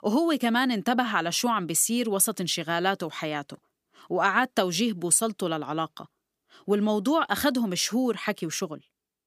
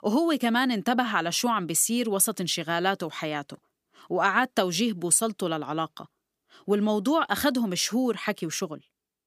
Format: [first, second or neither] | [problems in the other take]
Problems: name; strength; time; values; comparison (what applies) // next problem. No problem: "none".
neither | none